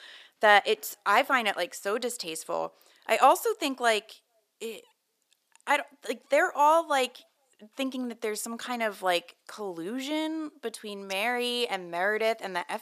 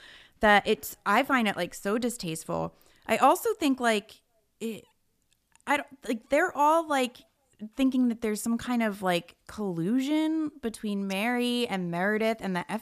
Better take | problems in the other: second | thin; somewhat; fading below 500 Hz

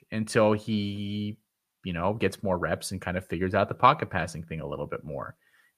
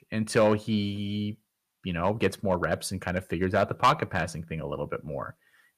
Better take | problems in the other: first | distortion; slight; 0.9% of the sound clipped

